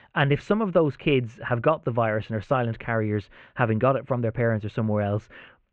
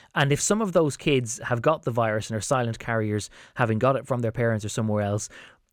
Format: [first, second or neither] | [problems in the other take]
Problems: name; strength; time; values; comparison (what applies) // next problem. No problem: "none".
second | muffled; very; fading above 2.5 kHz